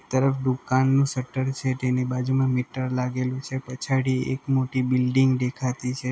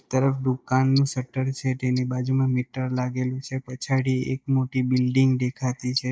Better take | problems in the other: first | noise reduction (neural mask model DeepFilterNet 3)

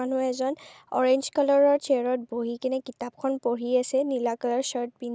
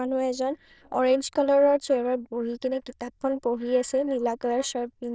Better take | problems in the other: first | noise reduction (neural diffusion model UNIVERSE++)

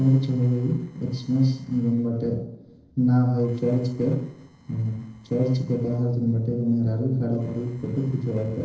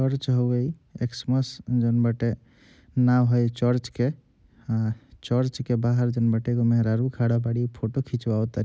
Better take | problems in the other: second | noise reduction (neural separator model SepFormer DNS4)

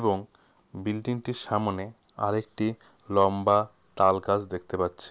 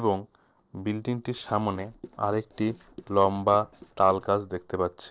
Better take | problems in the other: first | noise reduction (neural separator model SepFormer DNS4)

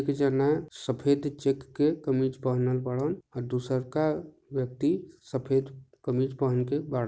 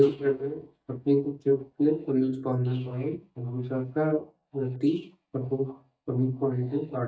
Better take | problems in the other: first | noise reduction (neural mask model DeepFilterNet 3)

